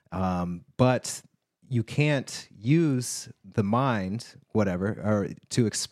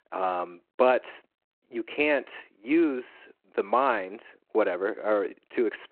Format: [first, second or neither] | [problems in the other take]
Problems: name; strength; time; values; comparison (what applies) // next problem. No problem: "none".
first | phone-call audio